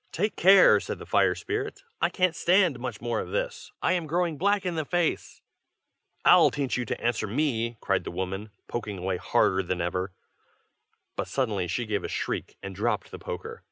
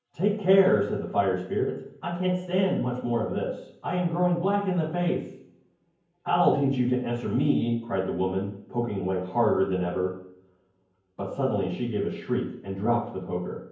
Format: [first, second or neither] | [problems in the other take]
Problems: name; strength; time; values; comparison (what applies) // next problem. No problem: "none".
first | room echo; dies away in 0.9 s